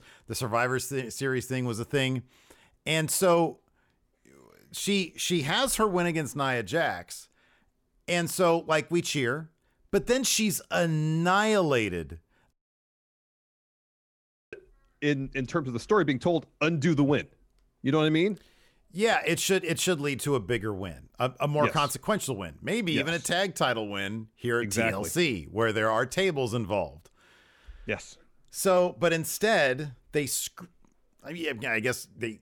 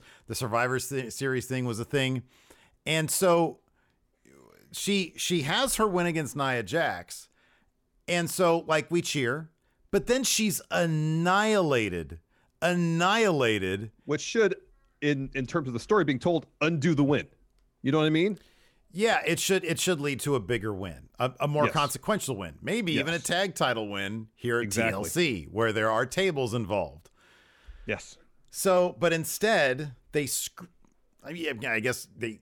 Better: second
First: audio cutting out; at 13 s for 2 s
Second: none

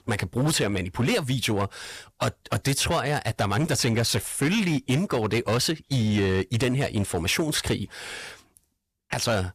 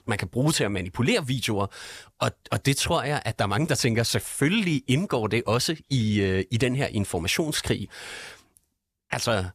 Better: second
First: distortion; slight; 9% of the sound clipped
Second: none

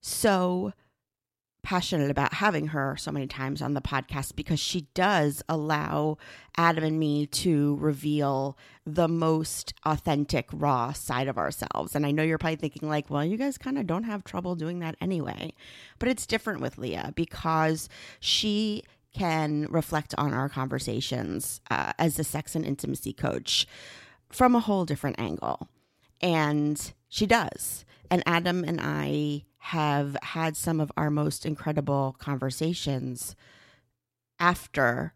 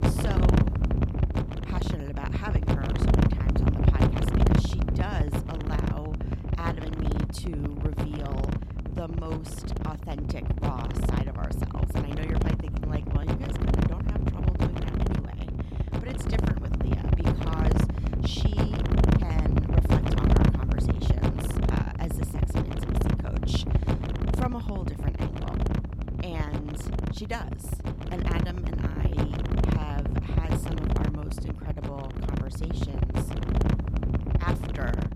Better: first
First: none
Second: wind noise on the microphone; heavy; 5 dB above the speech

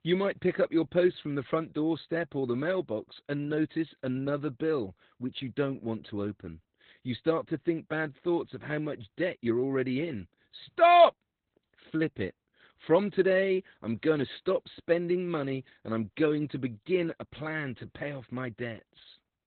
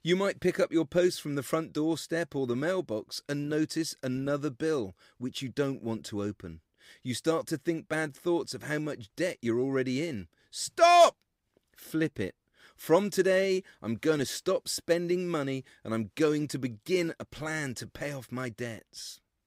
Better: second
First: garbled, watery; badly; nothing above 4 kHz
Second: none

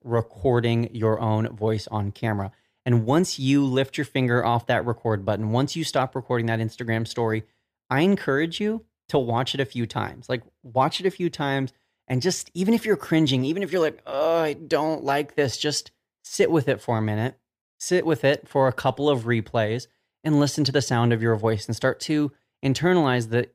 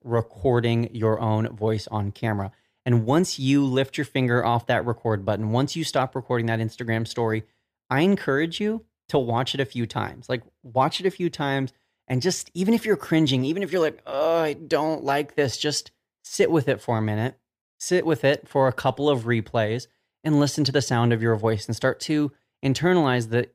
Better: neither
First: none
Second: none

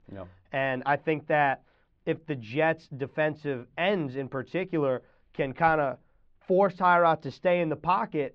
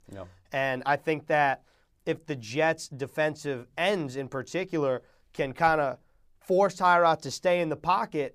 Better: second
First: muffled; slightly; fading above 3.5 kHz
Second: none

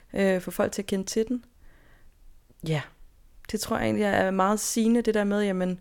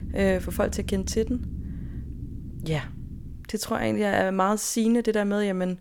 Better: first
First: none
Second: low rumble; faint; until 3.5 s; 20 dB below the speech

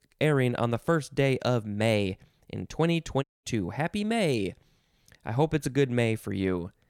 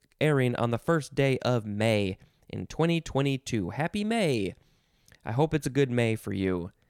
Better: second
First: audio cutting out; at 3 s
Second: none

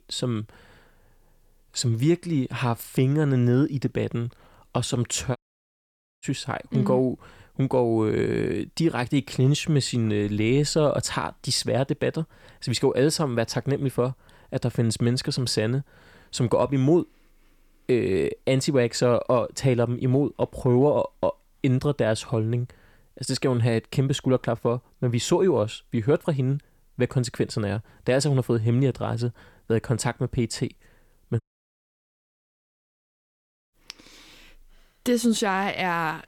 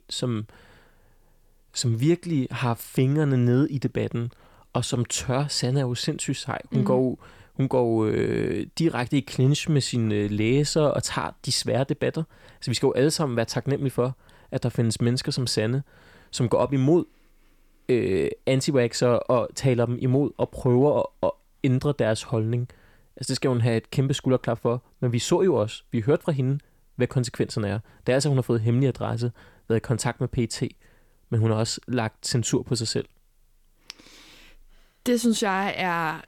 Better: second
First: audio cutting out; at 5.5 s for 1 s and at 31 s for 2.5 s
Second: none

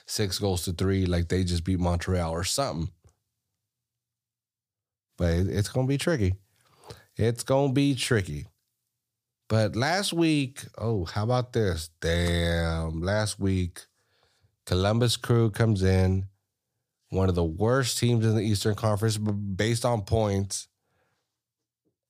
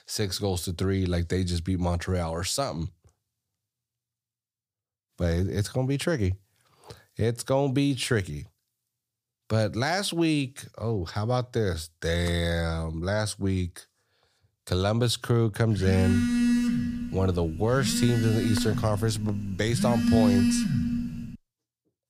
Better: first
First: none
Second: phone ringing; loud; from 16 to 21 s; peak 6 dB above the speech

